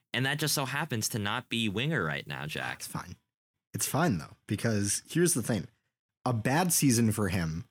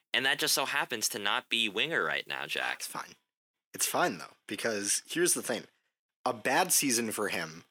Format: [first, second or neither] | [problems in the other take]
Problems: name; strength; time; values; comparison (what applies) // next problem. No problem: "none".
first | thin; somewhat; fading below 450 Hz